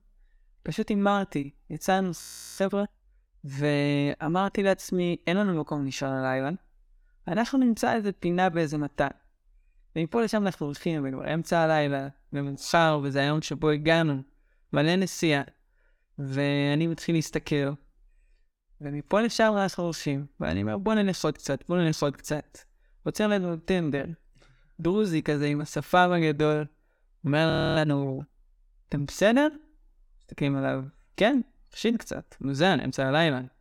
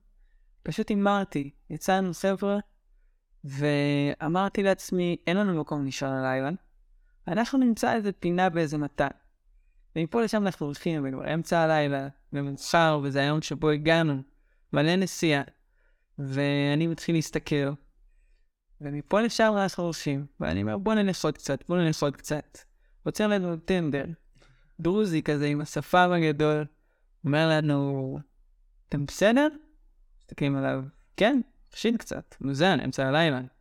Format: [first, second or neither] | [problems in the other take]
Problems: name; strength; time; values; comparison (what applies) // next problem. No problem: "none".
second | audio freezing; at 2 s and at 28 s